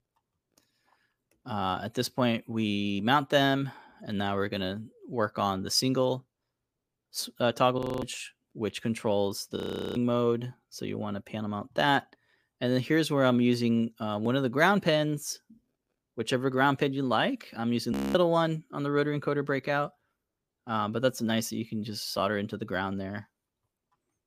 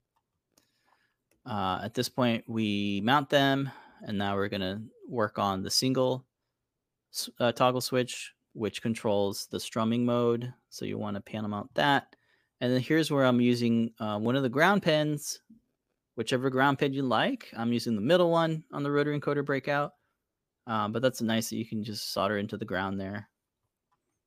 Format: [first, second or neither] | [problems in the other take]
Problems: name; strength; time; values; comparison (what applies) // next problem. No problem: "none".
second | audio freezing; at 8 s, at 9.5 s and at 18 s